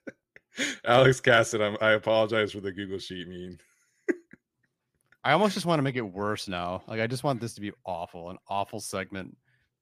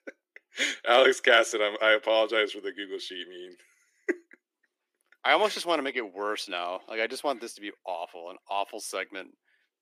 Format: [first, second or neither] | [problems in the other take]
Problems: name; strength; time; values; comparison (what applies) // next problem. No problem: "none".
first | thin; somewhat; fading below 300 Hz